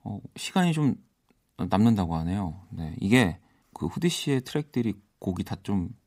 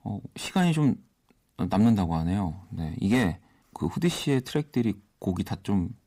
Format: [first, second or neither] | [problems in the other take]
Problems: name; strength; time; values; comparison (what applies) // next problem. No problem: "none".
first | distortion; slight; 10 dB below the speech